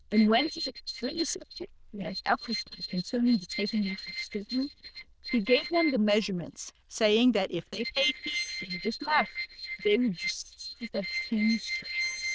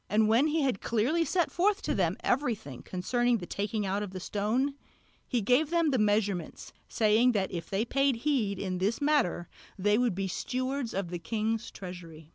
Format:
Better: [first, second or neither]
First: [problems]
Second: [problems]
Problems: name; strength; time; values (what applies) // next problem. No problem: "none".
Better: second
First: noise reduction (neural diffusion model UNIVERSE++)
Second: none